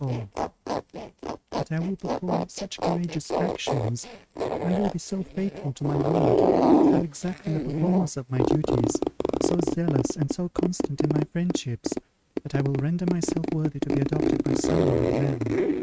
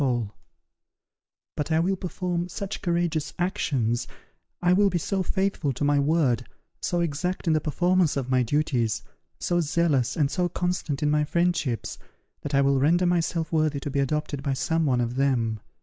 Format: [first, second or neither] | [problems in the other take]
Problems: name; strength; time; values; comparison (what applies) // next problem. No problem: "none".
second | noise reduction (neural mask model RNNoise)